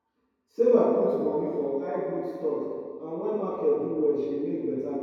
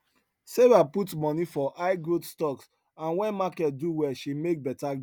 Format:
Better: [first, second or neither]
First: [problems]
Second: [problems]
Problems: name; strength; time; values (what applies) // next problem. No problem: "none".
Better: second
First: room echo; dies away in 2.2 s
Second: none